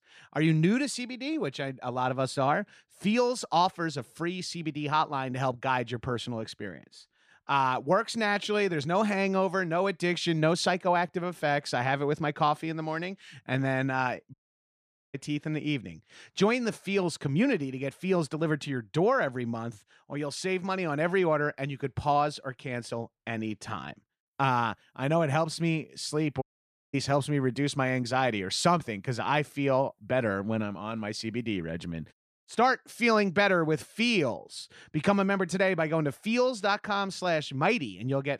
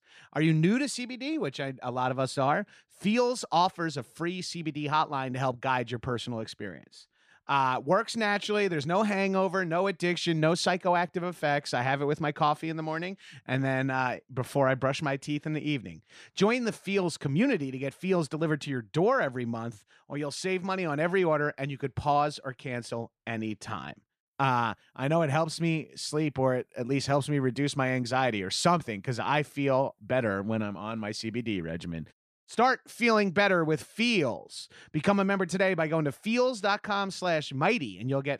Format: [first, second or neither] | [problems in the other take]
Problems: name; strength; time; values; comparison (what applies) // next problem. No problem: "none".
second | audio cutting out; at 14 s for 1 s and at 26 s for 0.5 s